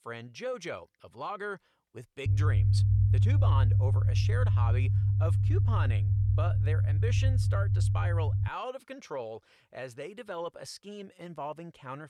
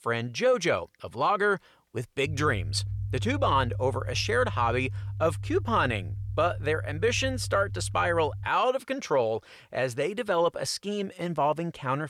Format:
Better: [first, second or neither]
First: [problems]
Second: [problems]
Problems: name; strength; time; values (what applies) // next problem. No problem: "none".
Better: second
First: low rumble; loud; from 2.5 to 8.5 s; 3 dB below the speech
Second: low rumble; faint; from 2.5 to 8.5 s; 25 dB below the speech